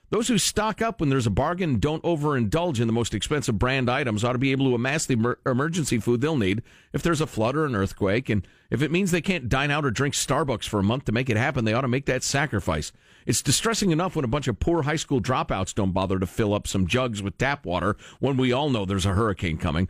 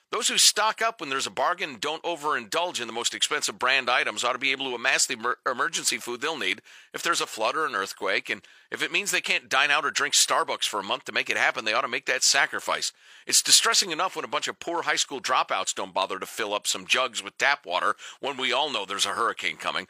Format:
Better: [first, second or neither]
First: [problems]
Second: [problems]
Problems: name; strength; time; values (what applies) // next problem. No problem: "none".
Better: first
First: none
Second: thin; very; fading below 850 Hz